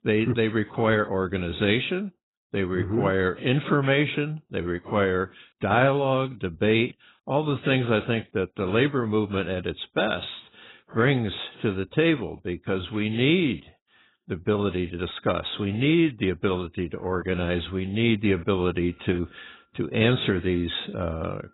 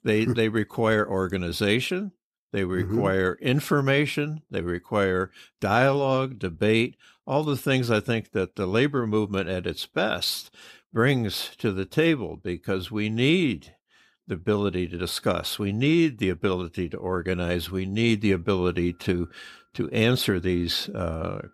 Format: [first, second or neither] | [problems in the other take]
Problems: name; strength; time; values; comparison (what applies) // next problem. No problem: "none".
second | garbled, watery; badly; nothing above 4 kHz